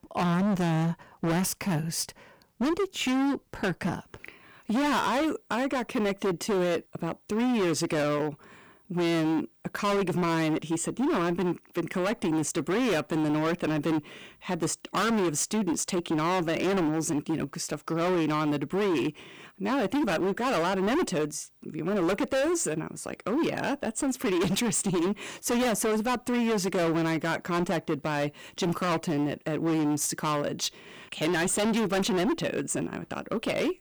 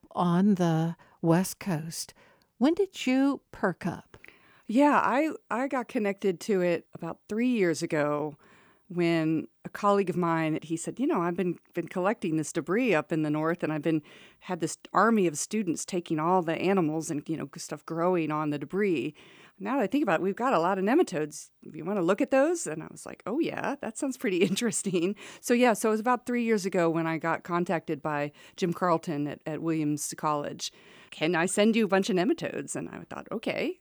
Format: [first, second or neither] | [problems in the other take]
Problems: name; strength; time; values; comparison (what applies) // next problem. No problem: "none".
second | distortion; heavy; 24% of the sound clipped